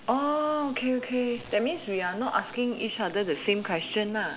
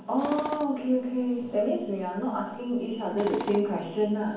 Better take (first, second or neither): first